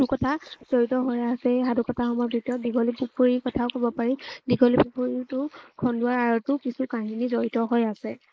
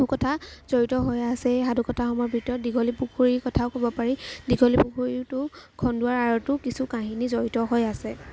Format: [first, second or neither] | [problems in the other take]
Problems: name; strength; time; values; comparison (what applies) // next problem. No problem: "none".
second | noise reduction (neural mask model Resemble Enhance denoiser)